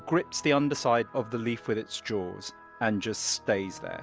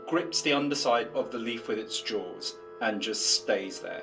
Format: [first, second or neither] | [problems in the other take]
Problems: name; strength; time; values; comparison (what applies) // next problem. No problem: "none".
first | background sound (Telephone); 16 dB below the speech // room echo; dies away in 0.2 s